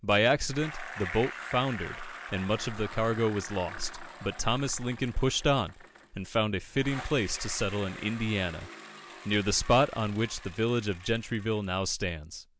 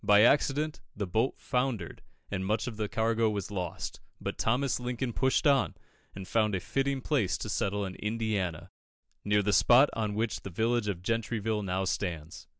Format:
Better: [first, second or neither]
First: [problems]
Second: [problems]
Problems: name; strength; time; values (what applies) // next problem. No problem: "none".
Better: second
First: background sound (Bicycle); 15 dB below the speech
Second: none